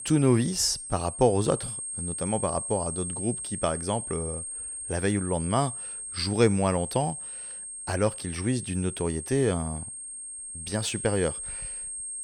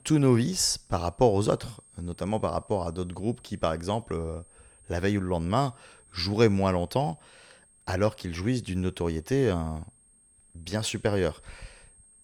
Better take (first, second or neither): second